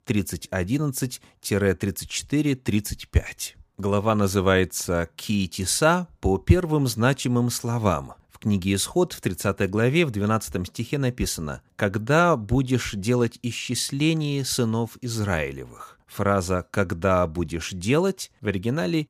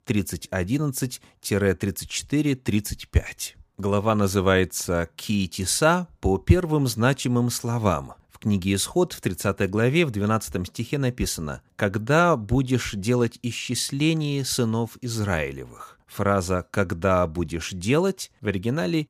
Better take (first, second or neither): neither